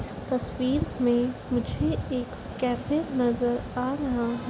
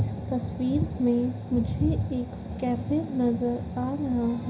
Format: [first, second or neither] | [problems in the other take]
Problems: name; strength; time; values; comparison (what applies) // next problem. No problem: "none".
first | room echo; dies away in 0.5 s